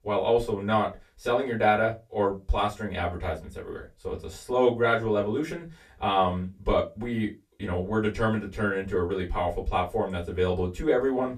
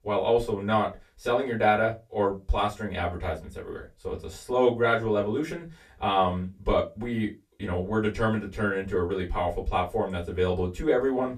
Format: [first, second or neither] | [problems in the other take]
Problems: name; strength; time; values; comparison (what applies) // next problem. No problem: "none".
neither | off-mic speech; far; the same in both // room echo; very slight; dies away in 0.2 s; the same in both